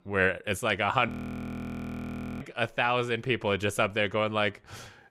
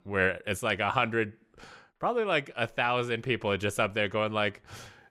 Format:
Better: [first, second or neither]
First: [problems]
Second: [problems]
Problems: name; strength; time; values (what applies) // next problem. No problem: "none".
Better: second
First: audio freezing; at 1 s for 1.5 s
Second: none